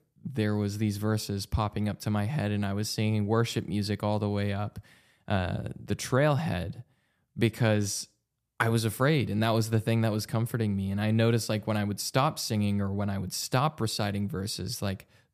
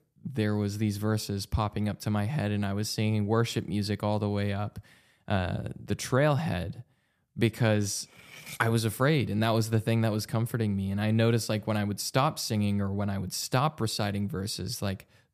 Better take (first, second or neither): first